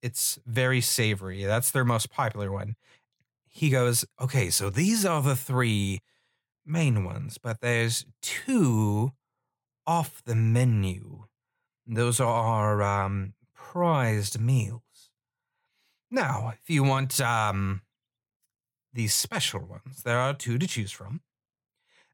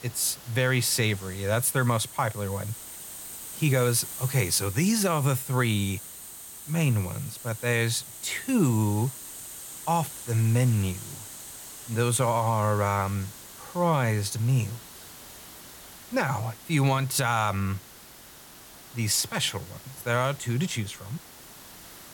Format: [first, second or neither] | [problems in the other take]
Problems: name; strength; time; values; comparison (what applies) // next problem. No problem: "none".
first | hiss; noticeable; throughout; 15 dB below the speech